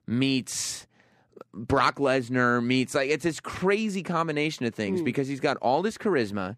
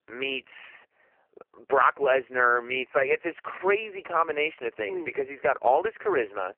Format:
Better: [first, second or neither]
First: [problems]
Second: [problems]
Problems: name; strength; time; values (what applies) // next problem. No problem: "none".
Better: first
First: none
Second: phone-call audio; poor line; nothing above 3 kHz